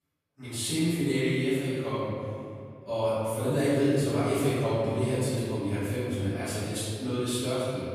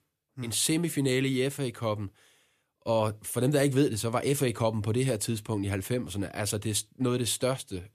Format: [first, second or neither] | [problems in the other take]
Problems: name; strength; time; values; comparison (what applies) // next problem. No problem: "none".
second | room echo; strong; dies away in 2.3 s // off-mic speech; far